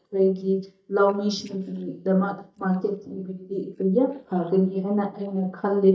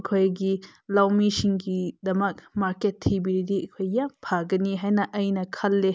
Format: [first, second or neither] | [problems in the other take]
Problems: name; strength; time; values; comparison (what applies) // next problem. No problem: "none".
second | noise reduction (neural mask model DeepFilterNet 3)